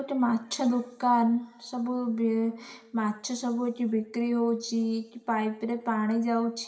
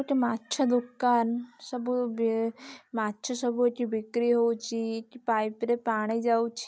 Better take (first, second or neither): second